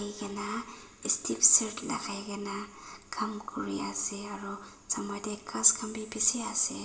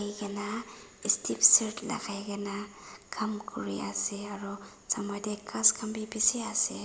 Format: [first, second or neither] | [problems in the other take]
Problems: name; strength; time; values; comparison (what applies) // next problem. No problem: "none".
second | room echo; dies away in 0.4 s